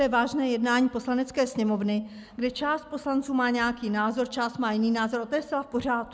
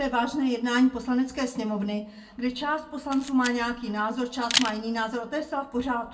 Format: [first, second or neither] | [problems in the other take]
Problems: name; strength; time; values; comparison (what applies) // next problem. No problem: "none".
first | background sound (Camera); 8 dB below the speech // room echo; dies away in 0.2 s